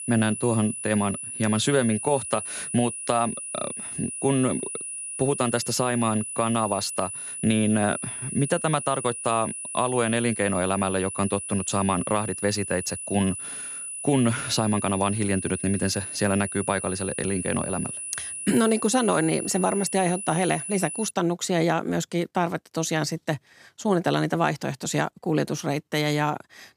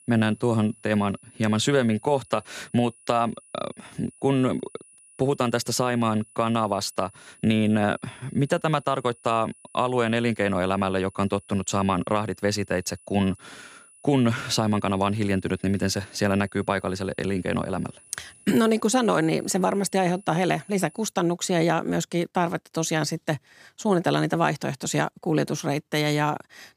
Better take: second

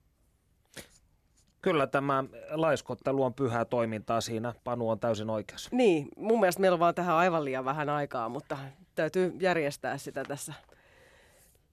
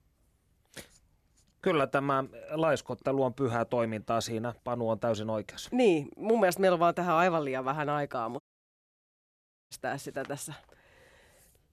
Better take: first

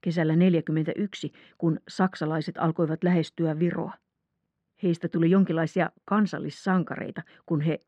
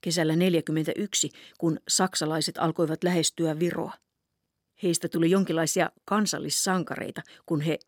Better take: second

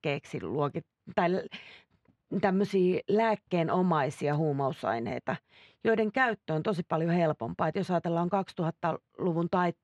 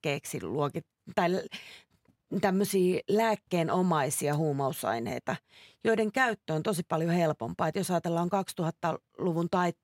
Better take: second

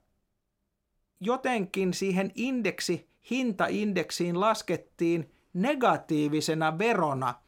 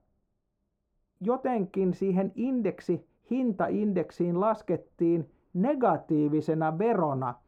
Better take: first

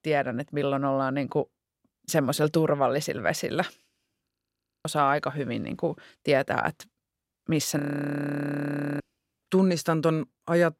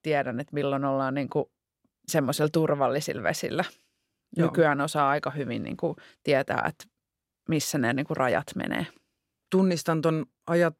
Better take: second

